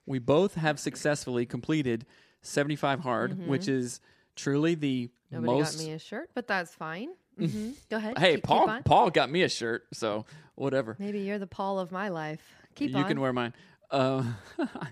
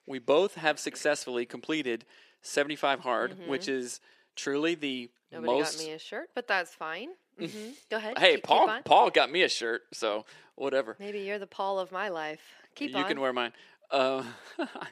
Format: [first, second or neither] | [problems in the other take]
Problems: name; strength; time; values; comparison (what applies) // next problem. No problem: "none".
first | thin; somewhat; fading below 400 Hz